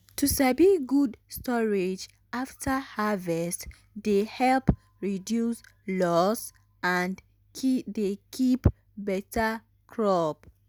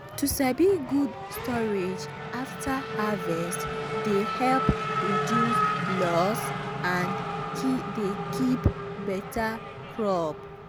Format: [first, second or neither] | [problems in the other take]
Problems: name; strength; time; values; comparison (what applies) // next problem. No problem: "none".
first | background sound (Race car, auto racing / Accelerating, revving, vroom); 3 dB below the speech